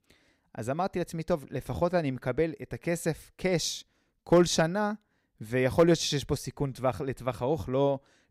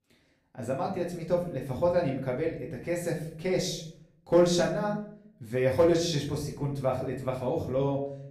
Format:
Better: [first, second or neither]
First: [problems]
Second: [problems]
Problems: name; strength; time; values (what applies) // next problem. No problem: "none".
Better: first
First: none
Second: off-mic speech; far // room echo; slight; dies away in 0.5 s